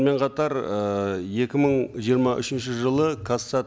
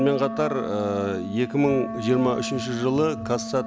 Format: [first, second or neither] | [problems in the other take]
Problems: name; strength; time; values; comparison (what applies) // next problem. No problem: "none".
first | background sound (Wind instrument, woodwind instrument); 9 dB below the speech